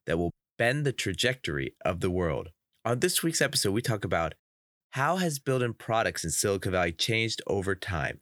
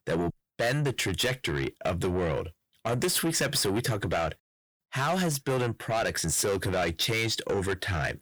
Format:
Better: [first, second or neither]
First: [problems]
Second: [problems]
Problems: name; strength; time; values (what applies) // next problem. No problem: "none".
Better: first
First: none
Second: distortion; heavy; 7 dB below the speech